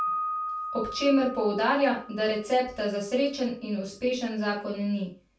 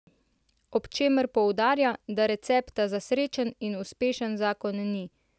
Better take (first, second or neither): second